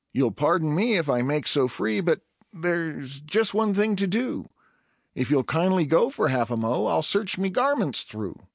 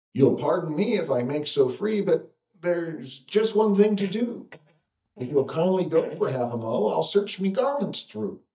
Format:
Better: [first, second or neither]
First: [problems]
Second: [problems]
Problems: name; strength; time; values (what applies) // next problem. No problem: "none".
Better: first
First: none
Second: noise reduction (neural mask model DeepFilterNet 3)